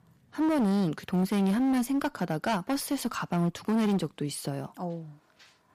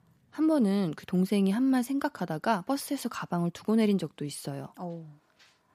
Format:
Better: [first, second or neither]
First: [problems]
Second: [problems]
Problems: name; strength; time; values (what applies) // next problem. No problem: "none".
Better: second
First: distortion; slight; 15% of the sound clipped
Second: none